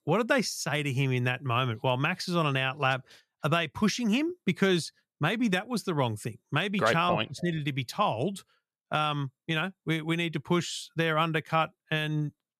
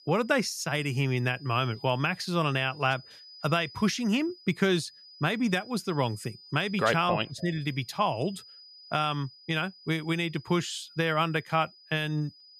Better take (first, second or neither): first